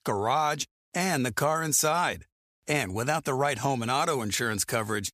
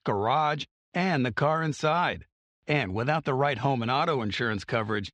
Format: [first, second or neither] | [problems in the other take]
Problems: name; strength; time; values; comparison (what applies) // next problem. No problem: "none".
first | muffled; slightly; fading above 3.5 kHz